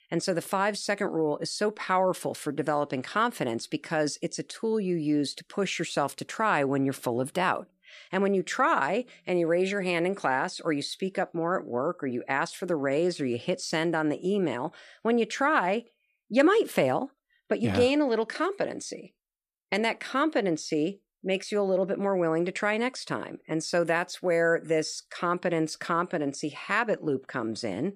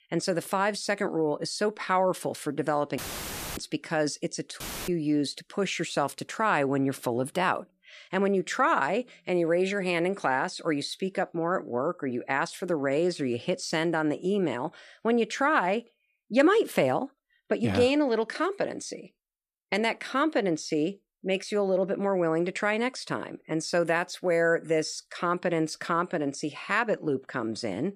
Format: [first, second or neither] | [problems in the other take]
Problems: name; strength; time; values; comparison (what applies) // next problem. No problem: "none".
first | audio cutting out; filled with static; at 3 s for 0.5 s and at 4.5 s